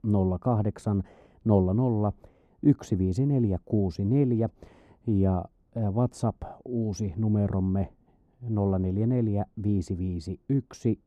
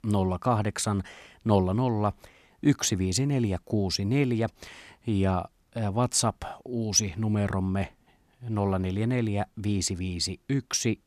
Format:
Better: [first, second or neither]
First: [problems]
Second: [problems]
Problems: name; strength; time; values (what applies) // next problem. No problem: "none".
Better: second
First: muffled; very; fading above 1 kHz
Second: none